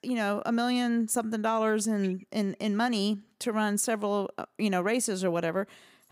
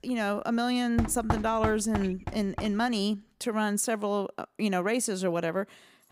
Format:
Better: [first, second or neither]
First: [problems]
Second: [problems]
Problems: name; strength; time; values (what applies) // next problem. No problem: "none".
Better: first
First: none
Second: household noises; loud; throughout; 7 dB below the speech